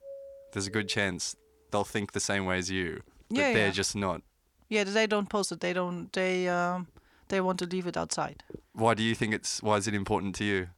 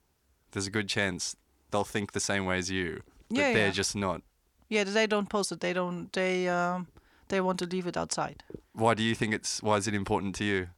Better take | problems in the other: second | doorbell; faint; until 1 s; peak 15 dB below the speech

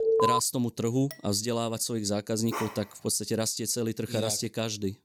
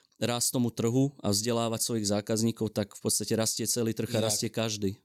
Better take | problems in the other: second | alarm; loud; at the start; peak 5 dB above the speech // clattering dishes; faint; at 1 s; peak 15 dB below the speech // dog barking; noticeable; at 2.5 s; peak 7 dB below the speech

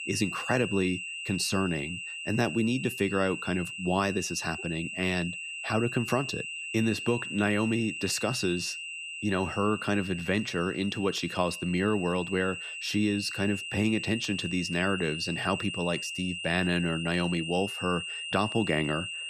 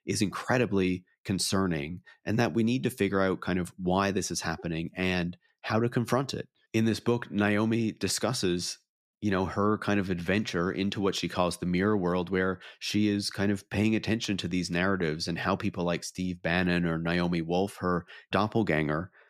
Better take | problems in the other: second | high-pitched whine; loud; throughout; 3 kHz, 6 dB below the speech

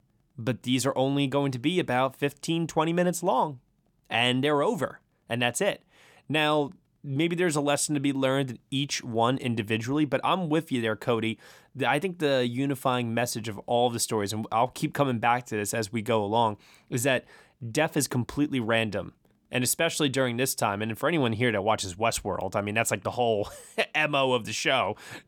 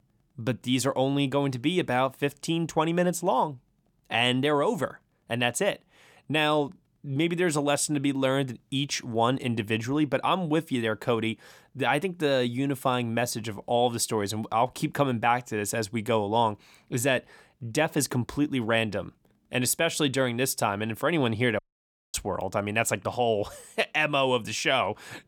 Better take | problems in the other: first | audio cutting out; at 22 s for 0.5 s

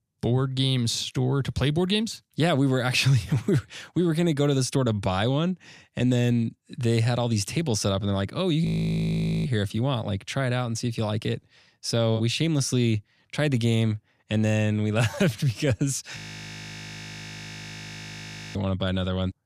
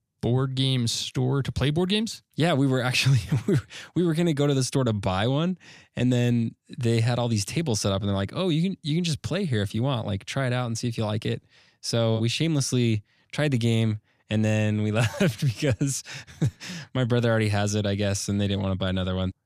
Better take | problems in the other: second | audio freezing; at 8.5 s for 1 s and at 16 s for 2.5 s

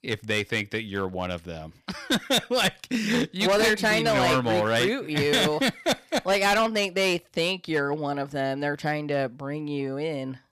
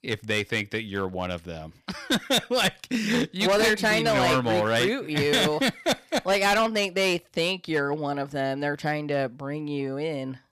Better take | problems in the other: neither | distortion; heavy; 9% of the sound clipped; the same in both

